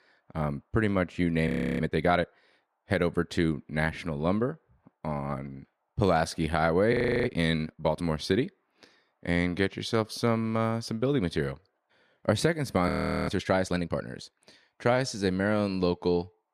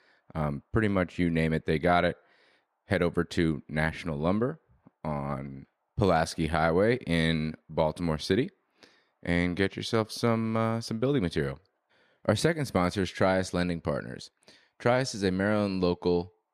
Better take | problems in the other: second | audio freezing; at 1.5 s, at 7 s and at 13 s

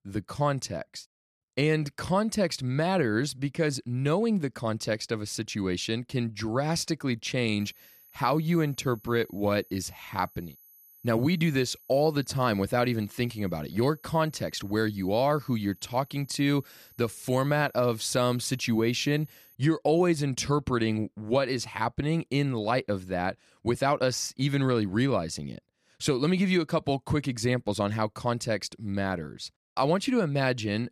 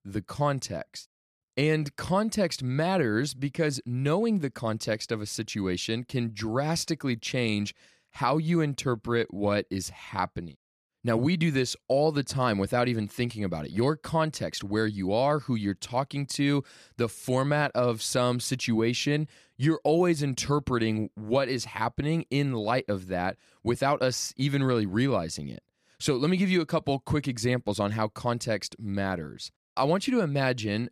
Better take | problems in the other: second | high-pitched whine; faint; from 7.5 to 20 s; 12 kHz, 25 dB below the speech

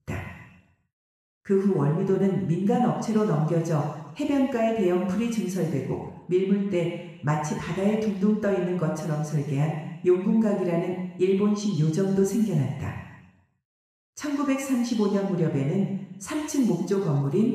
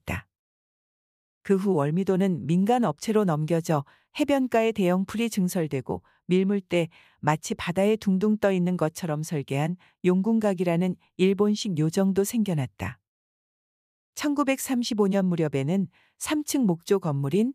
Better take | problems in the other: second | room echo; noticeable; dies away in 1 s // off-mic speech; far

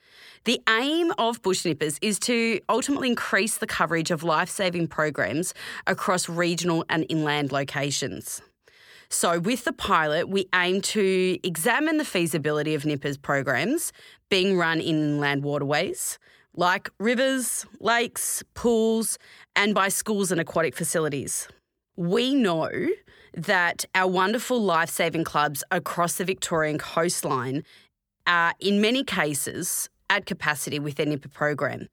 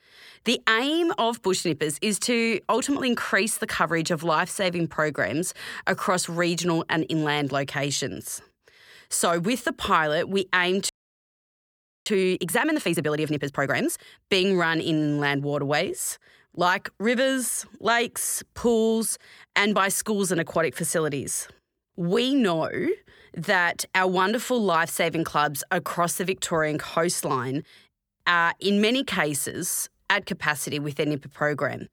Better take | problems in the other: first | audio freezing; at 11 s for 1 s

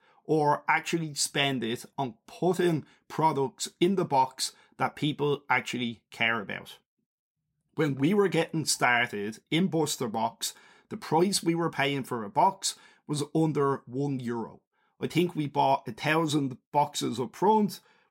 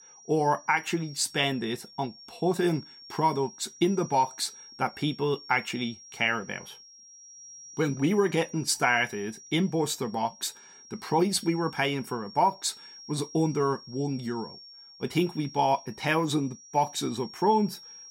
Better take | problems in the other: first | high-pitched whine; noticeable; throughout; 5.5 kHz, 20 dB below the speech

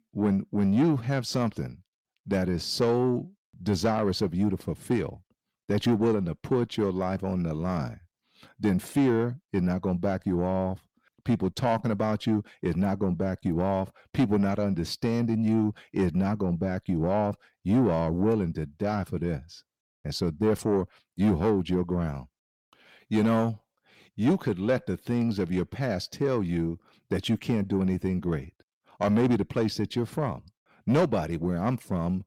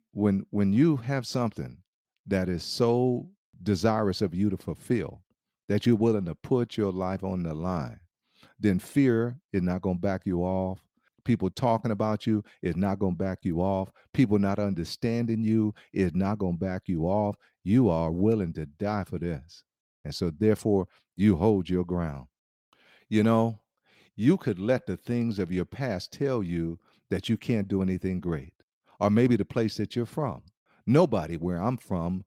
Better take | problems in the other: second | distortion; slight; 10 dB below the speech

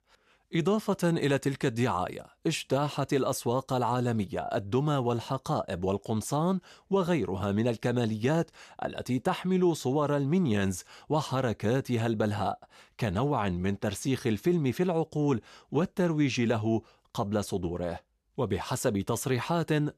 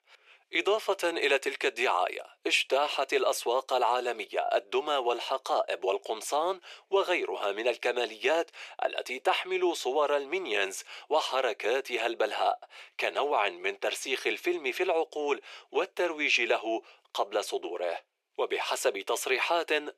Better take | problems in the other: first | thin; very; fading below 350 Hz

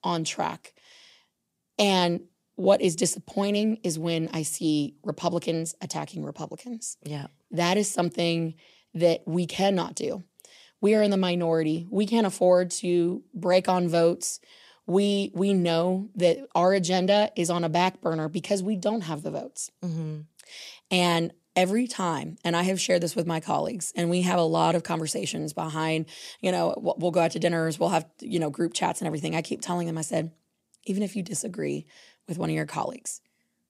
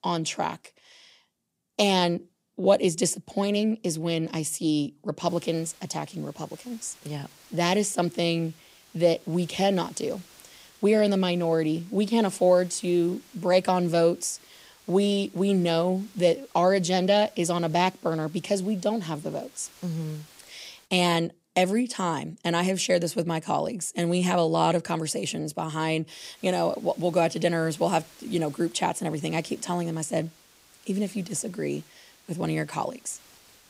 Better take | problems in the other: first | hiss; faint; from 5.5 to 21 s and from 26 s on; 25 dB below the speech

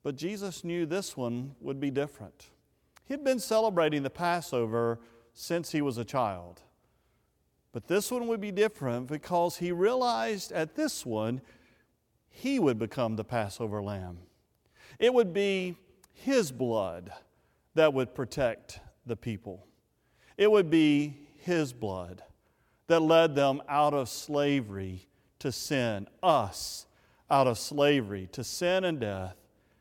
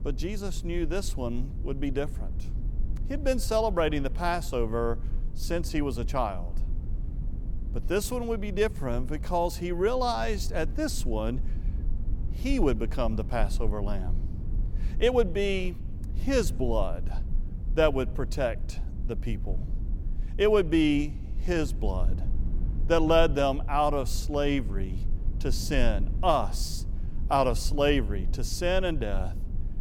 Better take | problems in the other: first | low rumble; faint; throughout; 20 dB below the speech

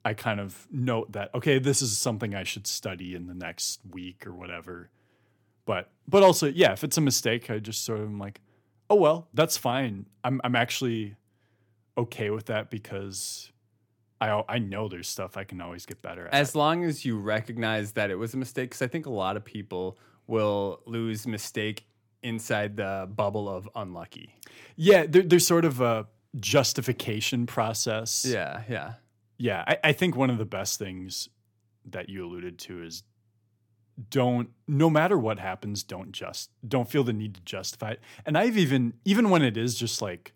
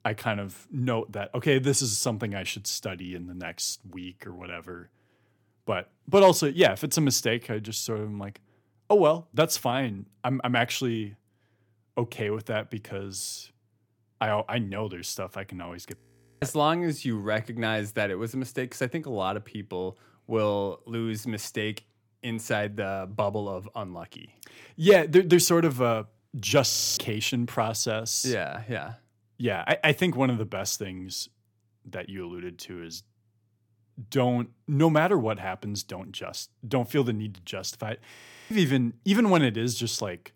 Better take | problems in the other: first | audio freezing; at 16 s, at 27 s and at 38 s

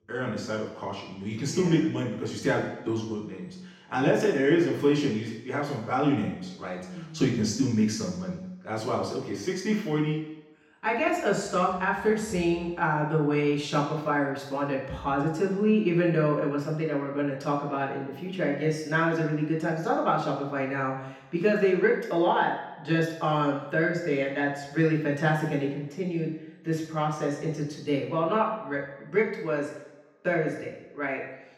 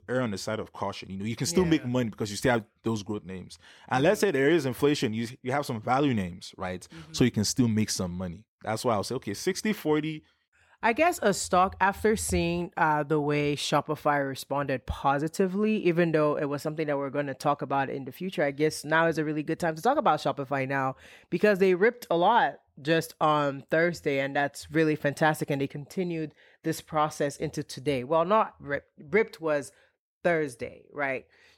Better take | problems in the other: second | room echo; noticeable; dies away in 0.9 s // off-mic speech; far

